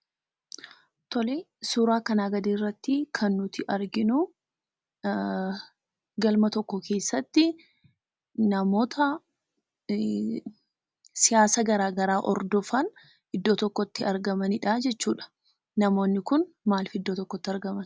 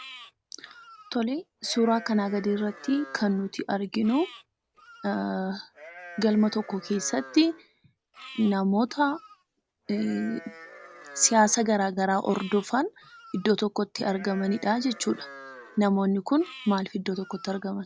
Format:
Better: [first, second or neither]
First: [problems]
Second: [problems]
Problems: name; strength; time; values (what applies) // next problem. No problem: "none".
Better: first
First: none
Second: background sound (Livestock, farm animals, working animals); 20 dB below the speech